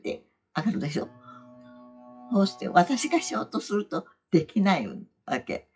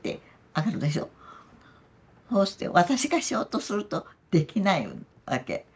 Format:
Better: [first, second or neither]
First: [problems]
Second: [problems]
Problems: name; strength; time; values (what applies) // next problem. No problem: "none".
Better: second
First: noise reduction (classical method WPE with log-MMSE)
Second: none